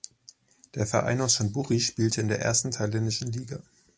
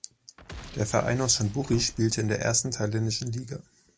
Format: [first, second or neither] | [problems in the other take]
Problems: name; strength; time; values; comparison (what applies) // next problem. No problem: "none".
first | background sound (Slam / Wood + Boom); 17 dB below the speech